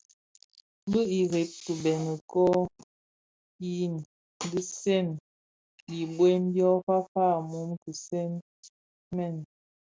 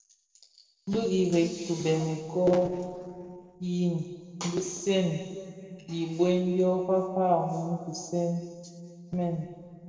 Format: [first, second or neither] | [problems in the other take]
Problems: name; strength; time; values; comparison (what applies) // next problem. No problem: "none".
first | room echo; dies away in 2.2 s